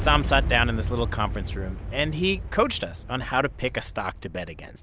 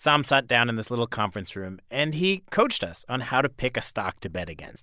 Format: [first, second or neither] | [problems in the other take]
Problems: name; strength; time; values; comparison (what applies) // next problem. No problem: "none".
second | background sound (Boom); 4 dB below the speech